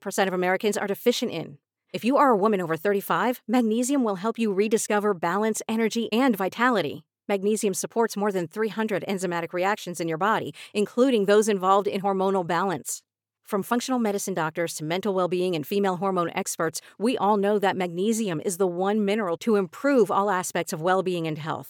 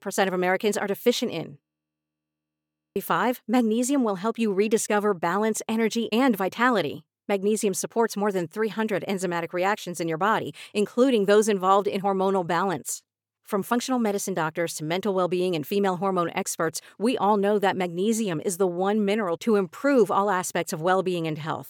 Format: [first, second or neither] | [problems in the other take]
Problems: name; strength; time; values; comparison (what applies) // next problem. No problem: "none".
first | audio freezing; at 1.5 s for 1.5 s